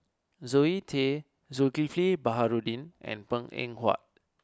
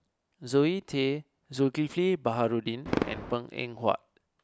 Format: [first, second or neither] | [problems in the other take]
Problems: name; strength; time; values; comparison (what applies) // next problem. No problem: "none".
first | background sound (Fireworks); 11 dB below the speech